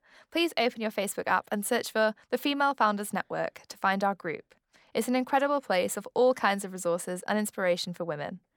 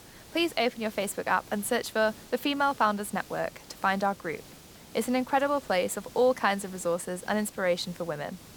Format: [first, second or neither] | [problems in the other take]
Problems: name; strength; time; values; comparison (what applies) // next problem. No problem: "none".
first | hiss; noticeable; throughout; 20 dB below the speech